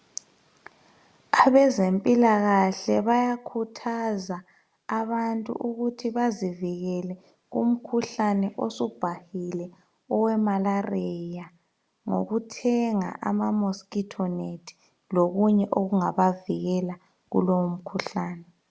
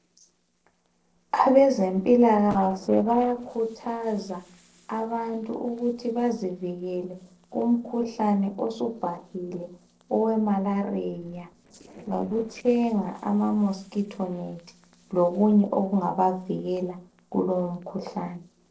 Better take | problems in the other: first | noise reduction (neural separator model SepFormer DNS4)

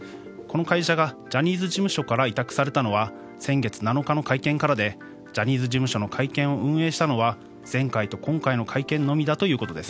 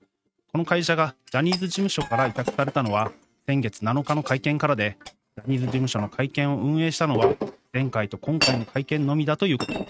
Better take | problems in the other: first | noise reduction (neural mask model RNNoise)

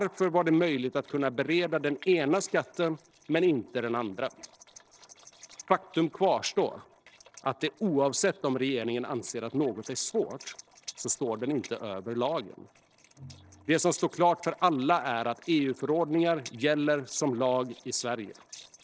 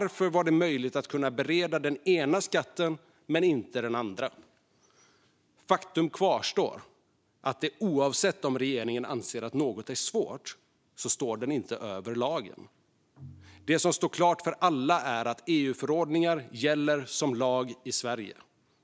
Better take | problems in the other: second | noise reduction (neural separator model SepFormer DNS4)

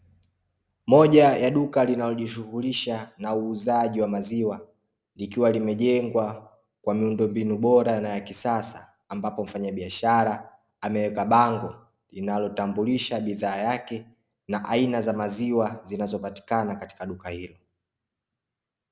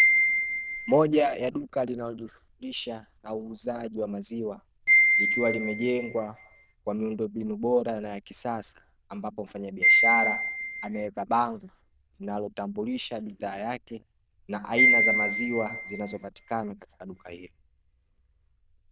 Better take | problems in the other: first | noise reduction (neural diffusion model UNIVERSE++)

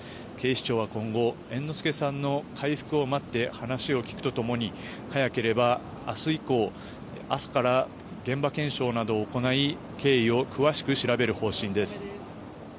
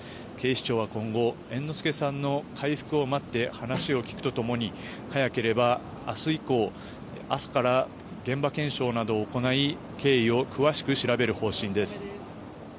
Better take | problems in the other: first | background sound (Snare drum); 13 dB below the speech

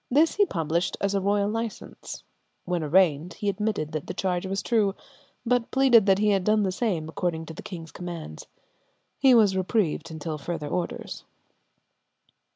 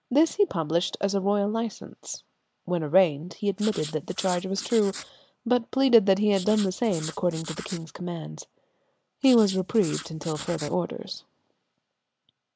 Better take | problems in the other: first | noise reduction (neural mask model Resemble Enhance denoiser)

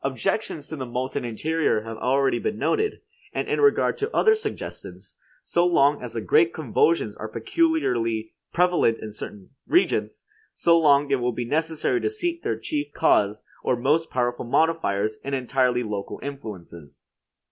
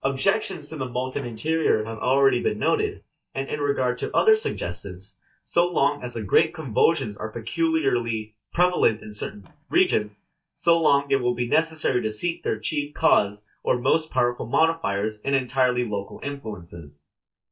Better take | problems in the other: first | noise reduction (neural mask model DeepFilterNet 3)

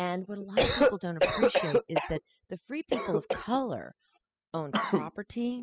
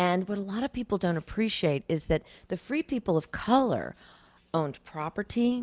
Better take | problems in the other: second | noise reduction (classical method spectral subtraction)

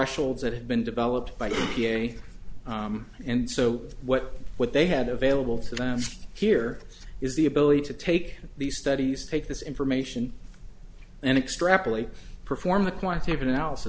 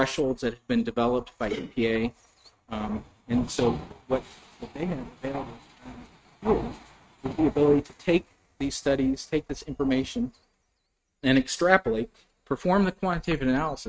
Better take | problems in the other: first | noise reduction (neural mask model RNNoise)

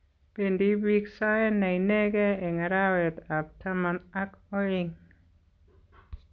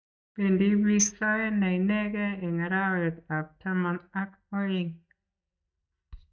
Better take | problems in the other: first | noise reduction (neural mask model DeepFilterNet 3)

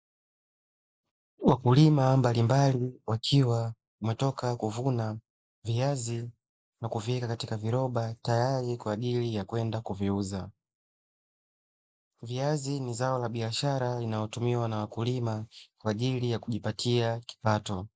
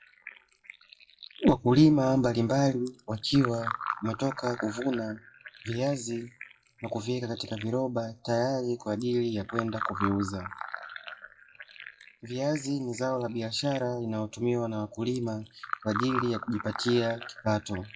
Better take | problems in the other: first | noise reduction (classical method WPE with log-MMSE)

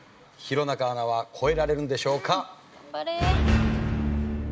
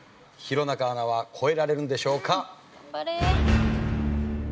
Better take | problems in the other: second | background sound (Musical instrument); 19 dB below the speech

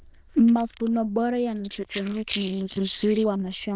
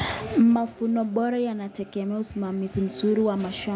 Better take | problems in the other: second | noise reduction (neural diffusion model UNIVERSE++)

